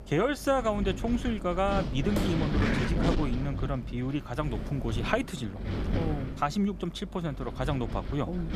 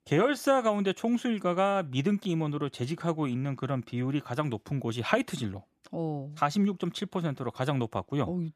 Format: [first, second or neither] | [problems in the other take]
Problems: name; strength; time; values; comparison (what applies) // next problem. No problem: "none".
second | wind noise on the microphone; heavy; 6 dB below the speech